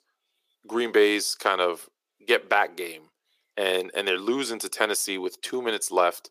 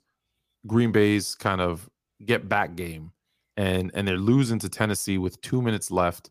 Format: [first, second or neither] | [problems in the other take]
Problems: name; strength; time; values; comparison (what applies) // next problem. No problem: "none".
second | thin; very; fading below 400 Hz